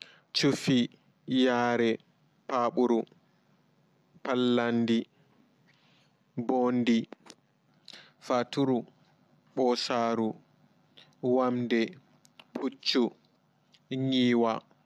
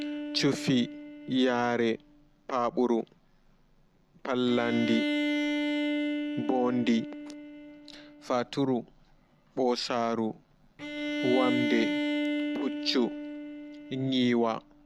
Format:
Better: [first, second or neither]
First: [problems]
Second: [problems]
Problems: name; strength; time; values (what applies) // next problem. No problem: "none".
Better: first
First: none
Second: background sound (Bowed string instrument); 4 dB below the speech